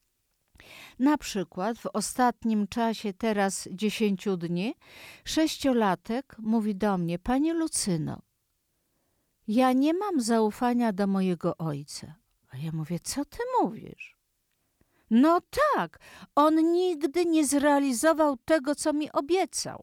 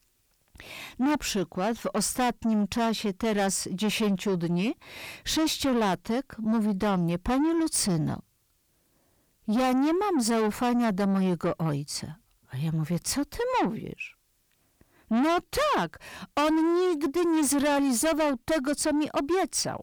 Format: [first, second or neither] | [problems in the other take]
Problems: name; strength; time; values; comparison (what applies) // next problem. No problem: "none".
first | distortion; heavy; 7 dB below the speech